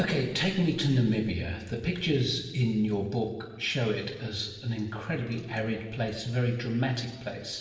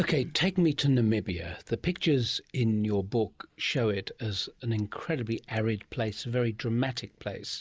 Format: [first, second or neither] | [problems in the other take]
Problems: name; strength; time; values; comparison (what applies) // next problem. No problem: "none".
second | room echo; dies away in 1.4 s